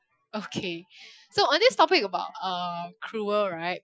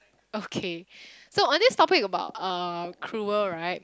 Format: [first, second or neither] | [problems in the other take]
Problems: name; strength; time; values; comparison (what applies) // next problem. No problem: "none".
second | noise reduction (classical method Wiener filter)